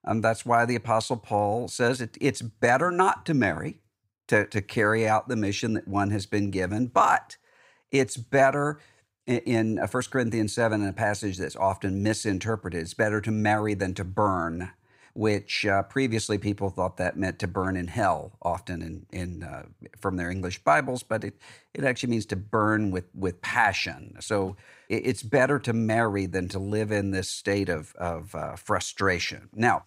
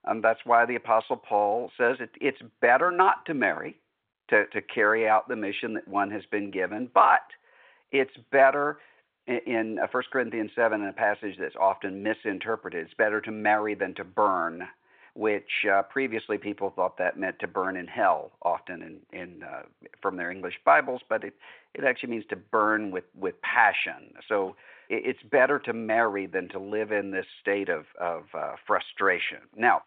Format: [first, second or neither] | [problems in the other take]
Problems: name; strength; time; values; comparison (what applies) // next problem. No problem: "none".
first | phone-call audio